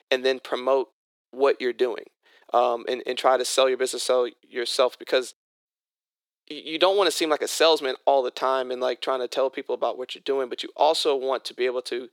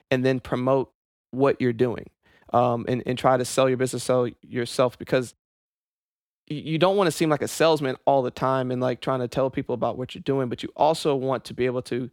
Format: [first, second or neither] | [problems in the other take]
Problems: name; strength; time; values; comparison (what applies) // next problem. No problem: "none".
second | thin; somewhat; fading below 400 Hz